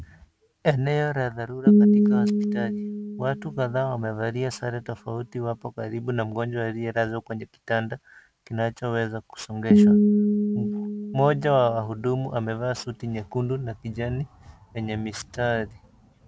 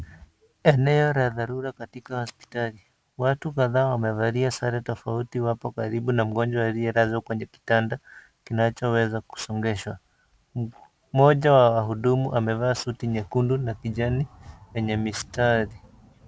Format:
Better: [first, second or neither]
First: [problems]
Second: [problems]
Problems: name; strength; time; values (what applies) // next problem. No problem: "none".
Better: second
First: background sound (Piano); 5 dB above the speech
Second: none